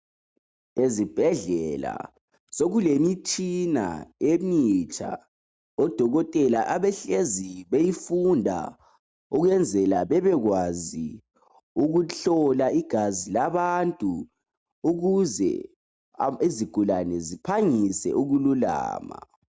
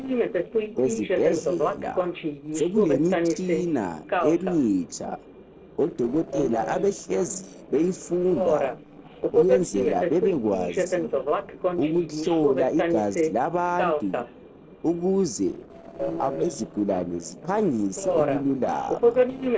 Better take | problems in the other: first | noise reduction (neural separator model SepFormer DNS4)

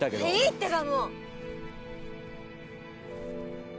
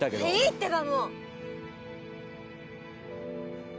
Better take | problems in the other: second | background sound (Zipper (clothing)); 17 dB below the speech

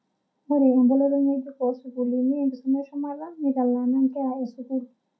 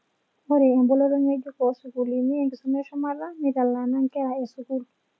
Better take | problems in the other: second | room echo; dies away in 0.2 s

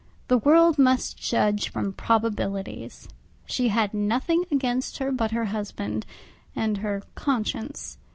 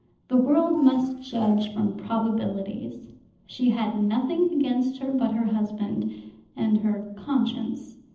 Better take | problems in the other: first | noise reduction (neural separator model SepFormer DNS4)

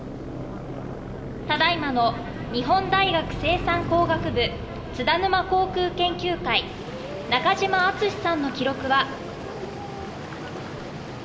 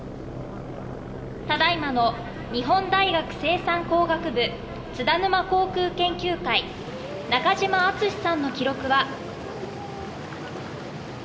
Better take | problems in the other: second | background sound (Car passing by); 13 dB below the speech

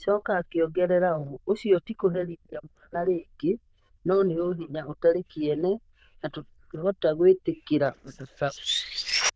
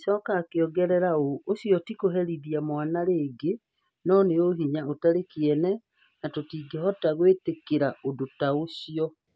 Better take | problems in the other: second | noise reduction (neural diffusion model UNIVERSE++)

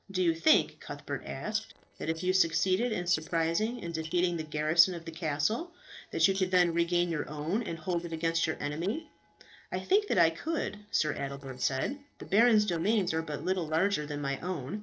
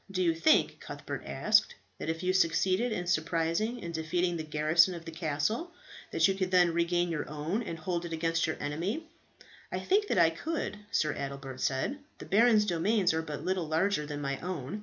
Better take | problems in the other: second | noise reduction (neural separator model SepFormer DNS4)

